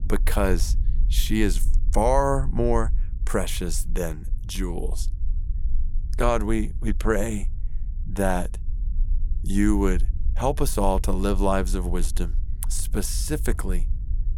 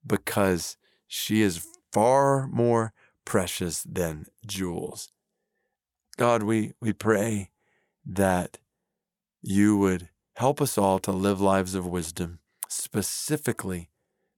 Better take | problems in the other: second | low rumble; faint; throughout; 25 dB below the speech

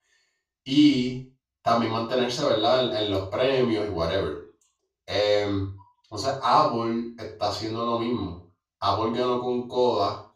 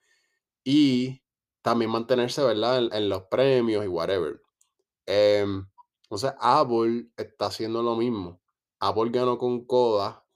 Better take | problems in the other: second | room echo; noticeable; dies away in 0.3 s // off-mic speech; far

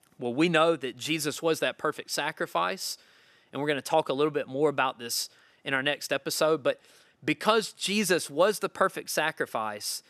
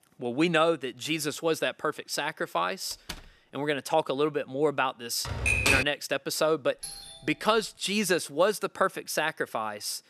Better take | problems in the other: first | door banging; faint; at 3 s; peak 15 dB below the speech // keyboard typing; loud; at 5.5 s; peak 6 dB above the speech // doorbell; faint; at 7 s; peak 10 dB below the speech

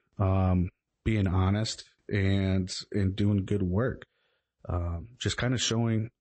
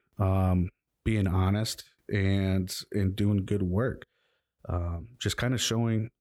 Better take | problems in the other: second | garbled, watery; slightly; nothing above 8 kHz

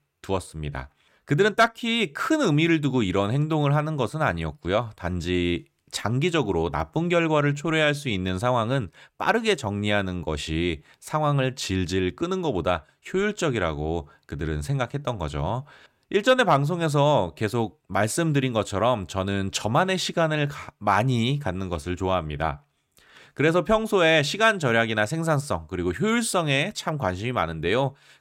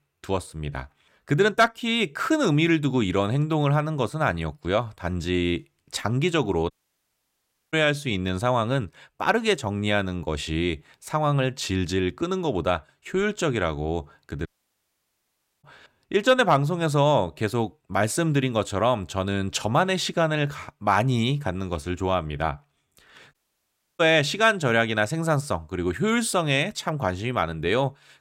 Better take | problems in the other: first | audio cutting out; at 6.5 s for 1 s, at 14 s for 1 s and at 23 s for 0.5 s

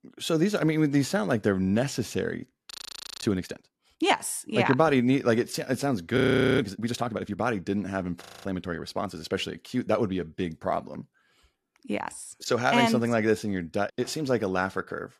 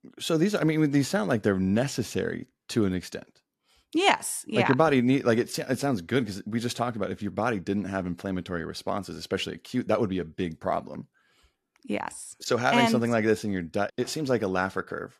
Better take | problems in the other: second | audio freezing; at 2.5 s for 0.5 s, at 6 s and at 8 s

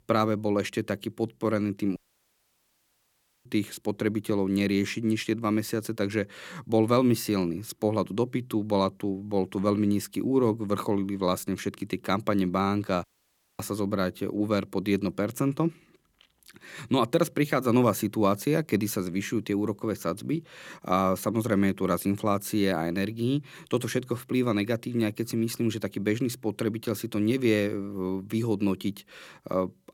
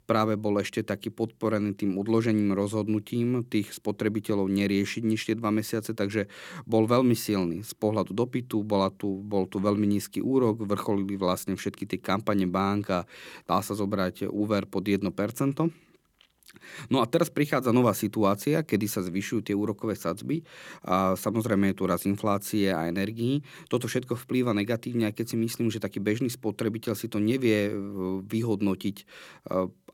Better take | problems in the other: second | audio cutting out; at 2 s for 1.5 s and at 13 s for 0.5 s

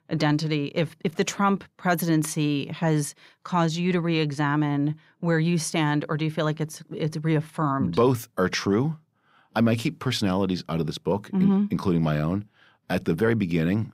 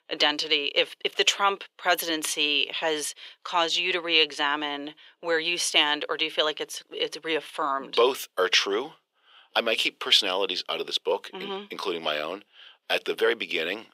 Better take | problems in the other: first | thin; very; fading below 450 Hz

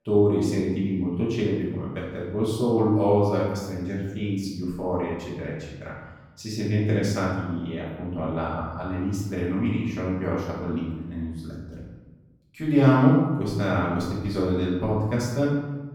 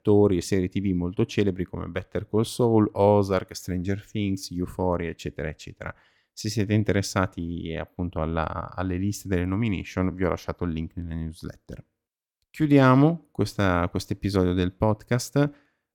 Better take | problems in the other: second | room echo; noticeable; dies away in 1.1 s // off-mic speech; far

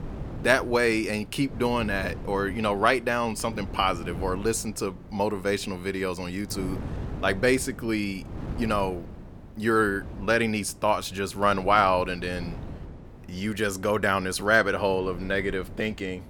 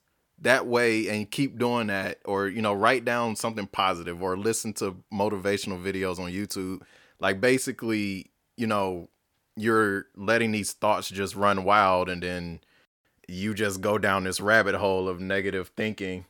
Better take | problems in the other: second | wind noise on the microphone; occasional gusts; 20 dB below the speech

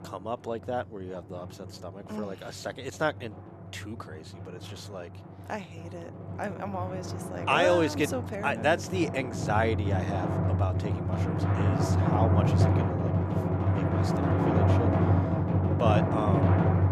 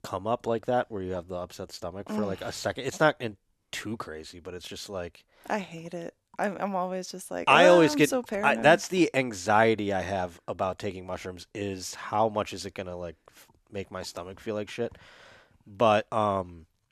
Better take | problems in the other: second | background music; very loud; throughout; 5 dB above the speech

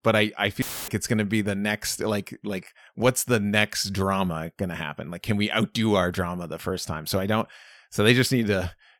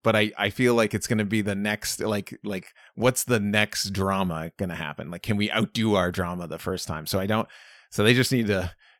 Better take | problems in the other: second | audio cutting out; filled with static; at 0.5 s

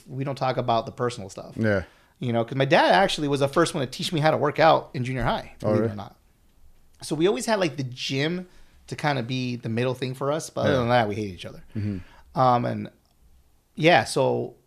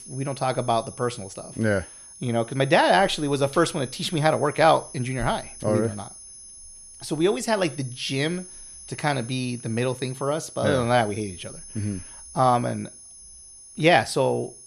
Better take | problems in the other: first | high-pitched whine; noticeable; throughout; 10 kHz, 15 dB below the speech

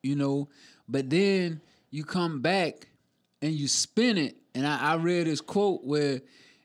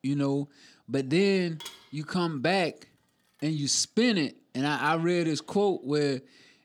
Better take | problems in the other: first | clattering dishes; faint; at 1.5 s; peak 15 dB below the speech

